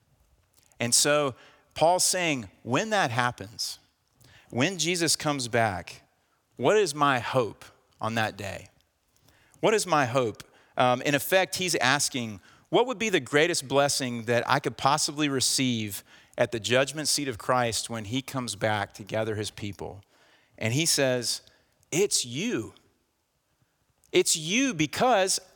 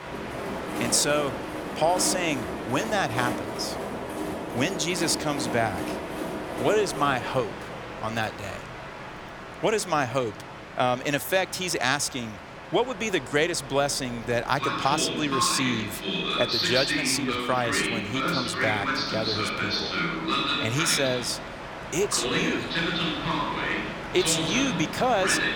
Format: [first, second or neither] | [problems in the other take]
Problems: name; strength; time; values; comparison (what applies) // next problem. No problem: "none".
first | train or aircraft noise; loud; throughout; 2 dB below the speech